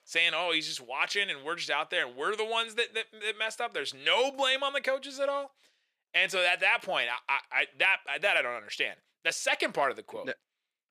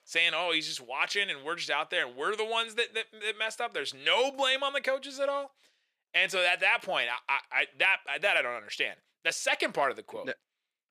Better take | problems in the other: neither | thin; somewhat; fading below 400 Hz; the same in both

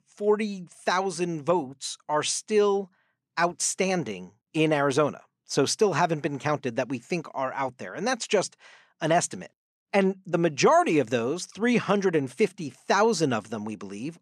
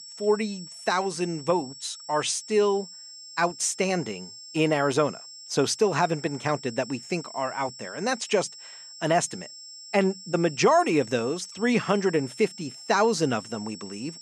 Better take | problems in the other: first | high-pitched whine; noticeable; throughout; 5.5 kHz, 15 dB below the speech

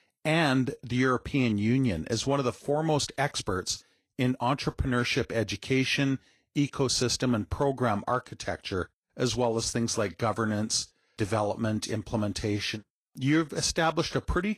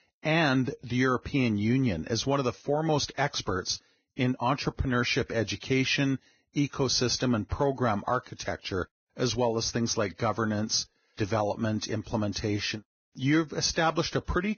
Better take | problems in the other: first | garbled, watery; badly; nothing above 6.5 kHz; slightly in the first

